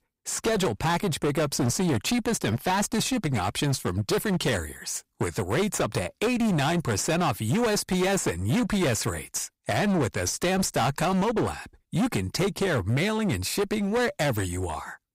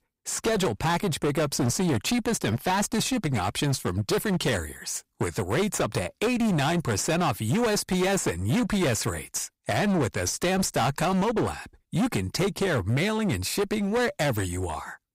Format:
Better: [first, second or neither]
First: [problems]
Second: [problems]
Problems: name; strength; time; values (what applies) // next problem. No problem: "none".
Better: neither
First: distortion; heavy; 23% of the sound clipped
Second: distortion; heavy; 23% of the sound clipped